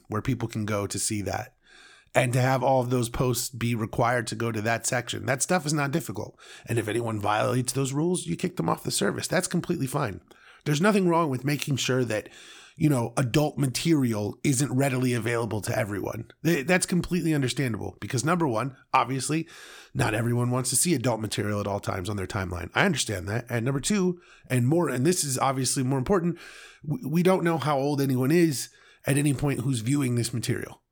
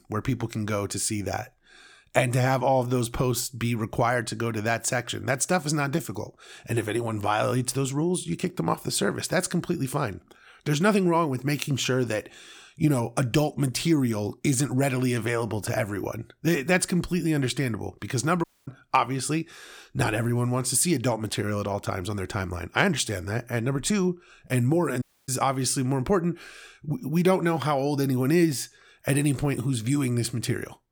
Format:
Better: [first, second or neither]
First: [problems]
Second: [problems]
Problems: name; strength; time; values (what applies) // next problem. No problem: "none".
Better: first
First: none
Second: audio cutting out; at 18 s and at 25 s